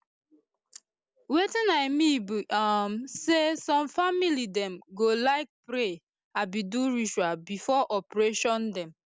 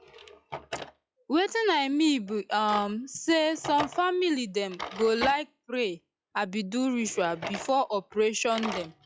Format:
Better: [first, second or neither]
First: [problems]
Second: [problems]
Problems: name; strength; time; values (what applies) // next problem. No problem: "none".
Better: first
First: none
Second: noise reduction (classical method log-MMSE)